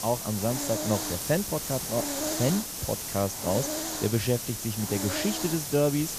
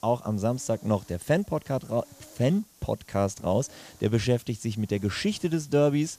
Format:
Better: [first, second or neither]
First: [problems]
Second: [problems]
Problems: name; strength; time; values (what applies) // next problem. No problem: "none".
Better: second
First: hiss; loud; throughout; 2 dB below the speech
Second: hiss; faint; throughout; 25 dB below the speech